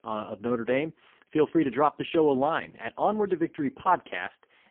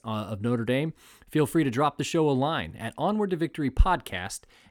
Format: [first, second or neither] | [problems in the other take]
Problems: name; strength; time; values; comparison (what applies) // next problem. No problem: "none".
second | phone-call audio; poor line; nothing above 3.5 kHz